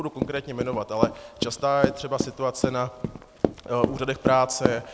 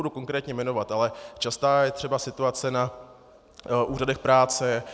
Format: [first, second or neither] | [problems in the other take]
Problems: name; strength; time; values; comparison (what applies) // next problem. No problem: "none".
second | background sound (Run); 2 dB below the speech